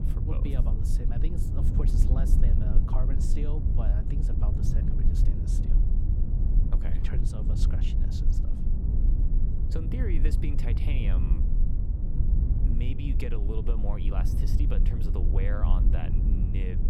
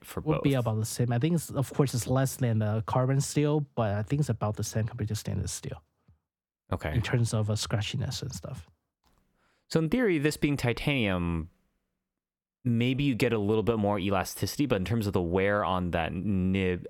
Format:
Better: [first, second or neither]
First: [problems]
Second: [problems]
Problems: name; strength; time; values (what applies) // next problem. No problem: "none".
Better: second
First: low rumble; loud; throughout; 1 dB below the speech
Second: none